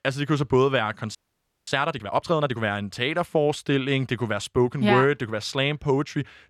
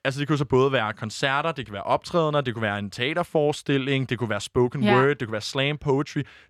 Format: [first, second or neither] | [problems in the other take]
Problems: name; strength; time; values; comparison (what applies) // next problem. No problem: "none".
second | audio freezing; at 1 s for 0.5 s